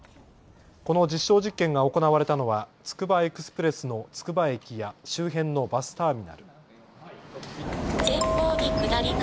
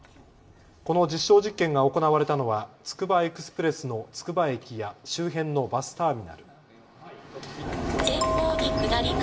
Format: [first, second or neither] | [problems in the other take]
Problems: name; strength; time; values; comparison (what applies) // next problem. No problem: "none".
first | room echo; dies away in 0.4 s